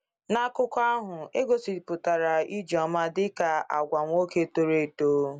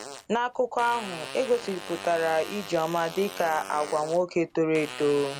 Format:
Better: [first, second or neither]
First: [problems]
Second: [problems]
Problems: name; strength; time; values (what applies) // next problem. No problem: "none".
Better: first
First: none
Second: background sound (Fart); 13 dB below the speech